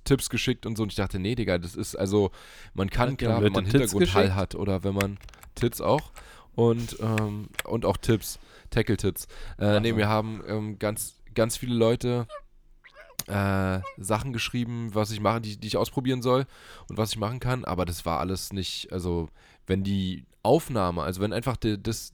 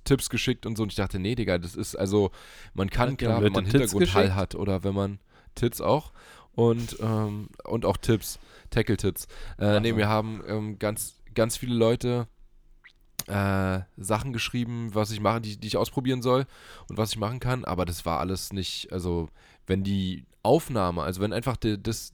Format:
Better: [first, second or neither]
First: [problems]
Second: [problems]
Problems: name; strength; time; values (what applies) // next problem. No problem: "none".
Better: second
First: keyboard typing; noticeable; from 5 to 8 s; peak 9 dB below the speech // dog barking; faint; from 12 to 14 s; peak 15 dB below the speech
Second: none